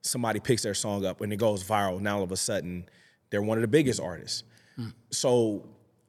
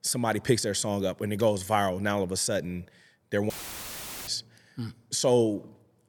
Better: first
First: none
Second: audio cutting out; filled with static; at 3.5 s for 1 s

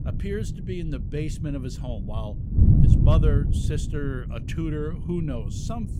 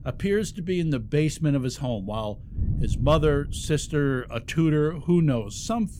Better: second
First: wind noise on the microphone; heavy; 3 dB below the speech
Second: wind noise on the microphone; occasional gusts; 20 dB below the speech

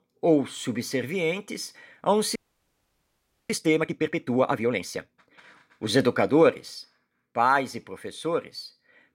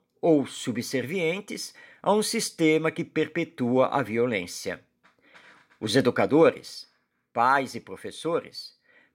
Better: second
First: audio freezing; at 2.5 s for 1 s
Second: none

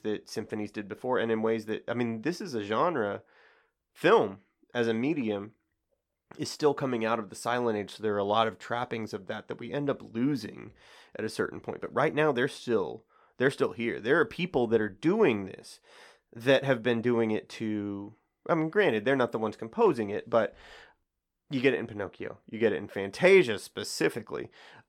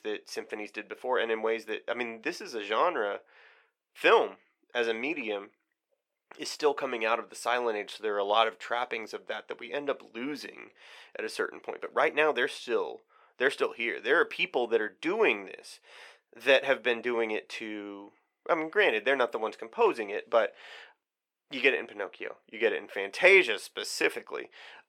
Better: first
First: none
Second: thin; somewhat; fading below 500 Hz

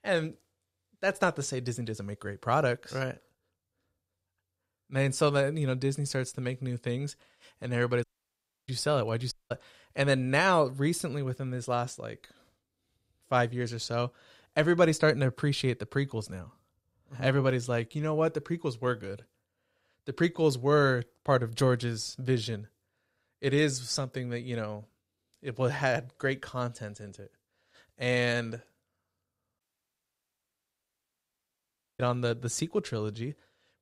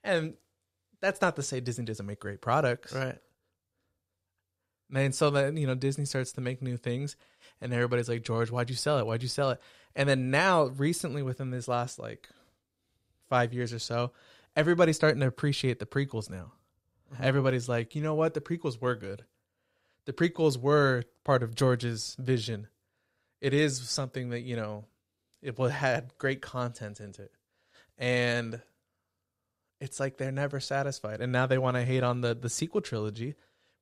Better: second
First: audio cutting out; at 8 s for 0.5 s, at 9.5 s and at 30 s for 2.5 s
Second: none

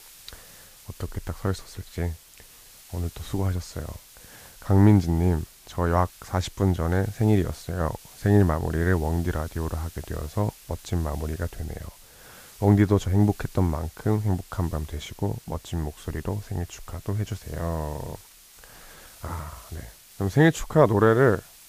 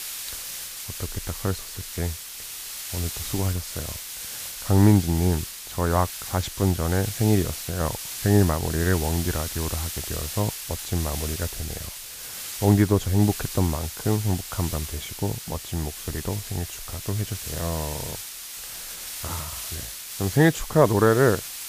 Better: first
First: hiss; faint; throughout; 20 dB below the speech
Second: hiss; loud; throughout; 8 dB below the speech

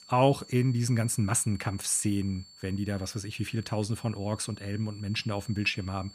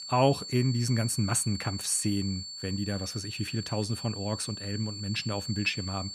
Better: first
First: high-pitched whine; faint; throughout; 4.5 kHz, 20 dB below the speech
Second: high-pitched whine; loud; throughout; 4.5 kHz, 8 dB below the speech

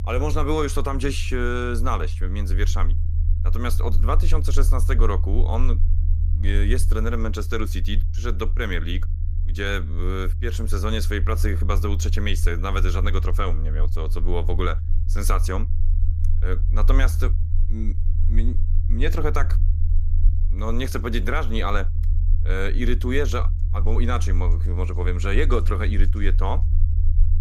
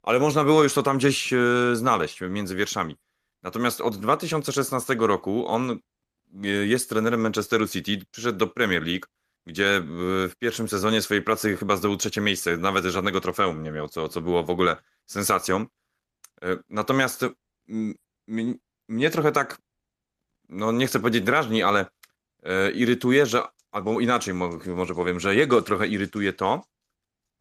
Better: second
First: low rumble; noticeable; throughout; 15 dB below the speech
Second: none

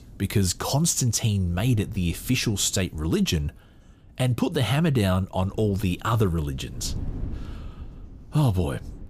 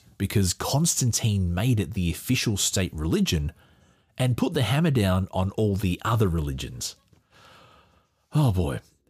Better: second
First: wind noise on the microphone; occasional gusts; 25 dB below the speech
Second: none

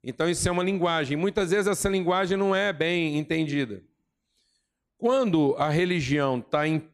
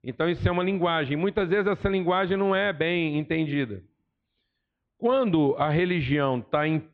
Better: first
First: none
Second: muffled; very; fading above 3.5 kHz

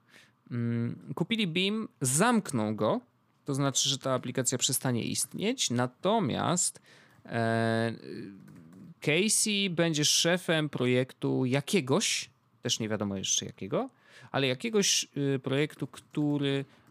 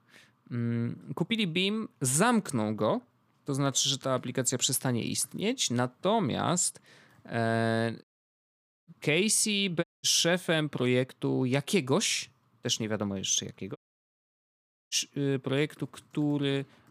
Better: first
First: none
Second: audio cutting out; at 8 s for 1 s, at 10 s and at 14 s for 1 s

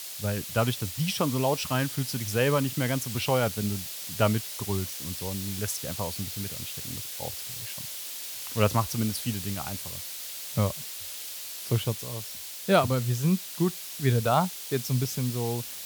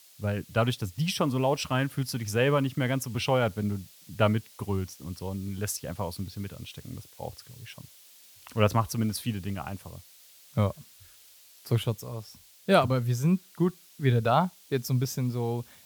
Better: second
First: hiss; loud; throughout; 6 dB below the speech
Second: hiss; faint; throughout; 25 dB below the speech

